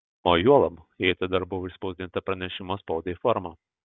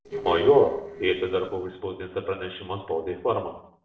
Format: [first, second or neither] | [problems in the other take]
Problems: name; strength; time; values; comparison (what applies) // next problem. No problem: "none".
first | noise reduction (neural separator model SepFormer DNS4)